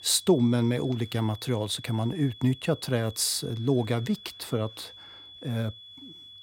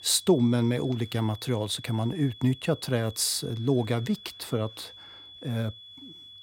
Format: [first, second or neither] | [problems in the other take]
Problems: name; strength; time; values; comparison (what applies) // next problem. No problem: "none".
neither | high-pitched whine; noticeable; throughout; 3.5 kHz, 15 dB below the speech; the same in both